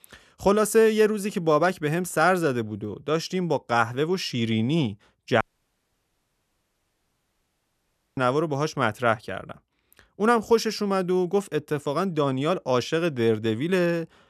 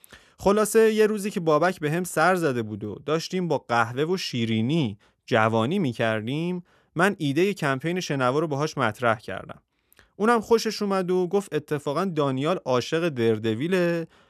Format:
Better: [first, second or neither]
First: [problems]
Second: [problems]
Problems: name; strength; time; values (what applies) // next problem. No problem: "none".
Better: second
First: audio cutting out; at 5.5 s for 3 s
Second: none